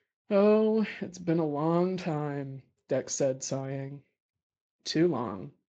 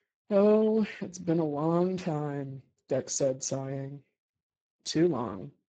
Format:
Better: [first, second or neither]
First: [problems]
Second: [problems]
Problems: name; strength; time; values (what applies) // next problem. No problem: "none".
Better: first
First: garbled, watery; slightly; nothing above 6.5 kHz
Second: garbled, watery; badly